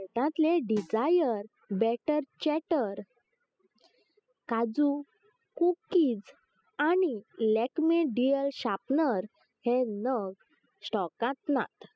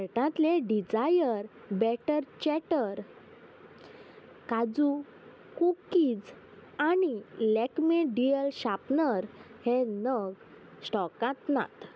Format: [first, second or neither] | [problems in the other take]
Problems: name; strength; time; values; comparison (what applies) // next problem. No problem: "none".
second | noise reduction (classical method spectral subtraction)